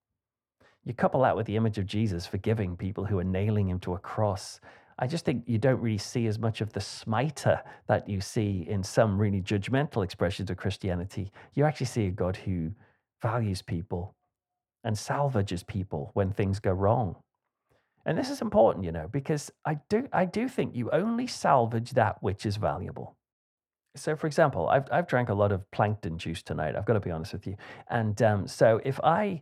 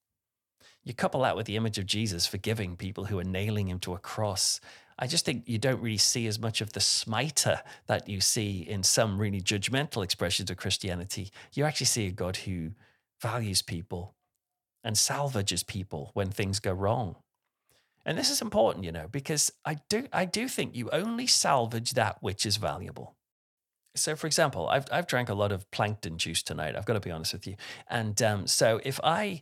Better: second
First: muffled; very; fading above 2.5 kHz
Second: none

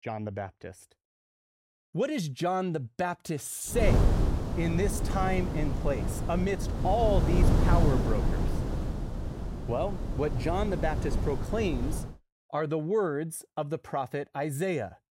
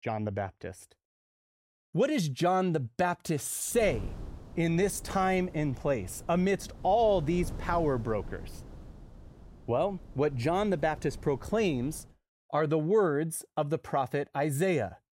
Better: second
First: wind noise on the microphone; heavy; from 4 to 12 s; 6 dB below the speech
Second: wind noise on the microphone; occasional gusts; from 4 to 12 s; 25 dB below the speech

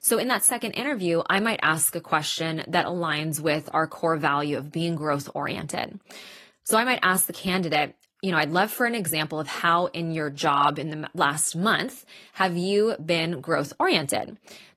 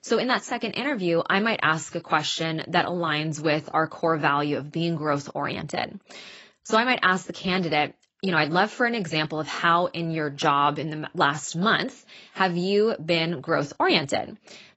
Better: first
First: garbled, watery; slightly; nothing above 12 kHz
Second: garbled, watery; badly; nothing above 7.5 kHz

